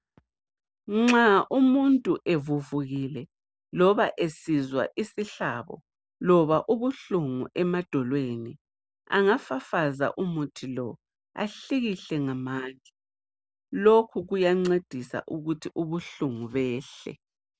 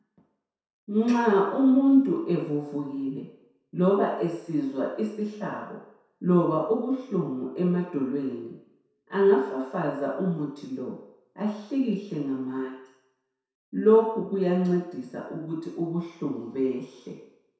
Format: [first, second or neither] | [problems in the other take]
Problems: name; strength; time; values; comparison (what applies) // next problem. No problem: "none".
first | room echo; dies away in 0.7 s